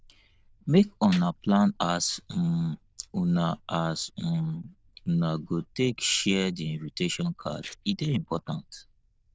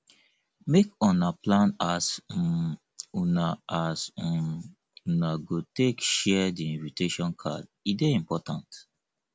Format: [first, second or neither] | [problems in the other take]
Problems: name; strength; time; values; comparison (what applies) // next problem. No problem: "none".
second | noise reduction (neural diffusion model UNIVERSE++)